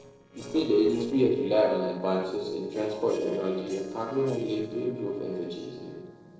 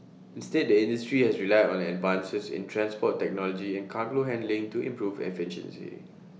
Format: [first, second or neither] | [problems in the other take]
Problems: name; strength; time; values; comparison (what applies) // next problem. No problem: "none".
second | noise reduction (neural separator model SepFormer DNS4)